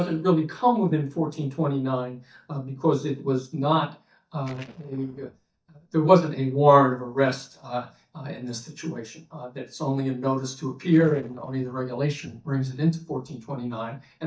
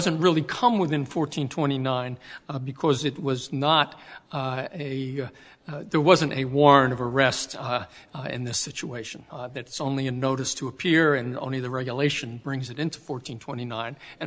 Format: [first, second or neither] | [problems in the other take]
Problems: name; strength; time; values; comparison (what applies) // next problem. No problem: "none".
second | noise reduction (neural mask model DeepFilterNet 3)